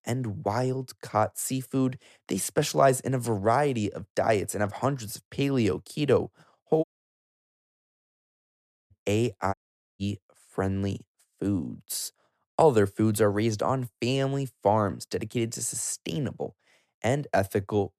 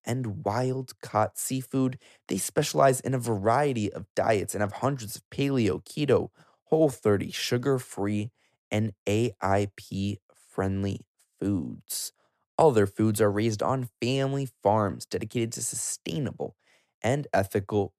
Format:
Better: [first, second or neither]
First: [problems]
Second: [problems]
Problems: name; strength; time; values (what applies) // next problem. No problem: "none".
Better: second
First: audio cutting out; at 7 s for 2 s and at 9.5 s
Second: none